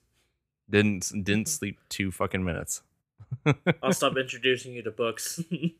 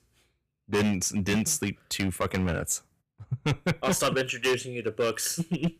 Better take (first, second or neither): first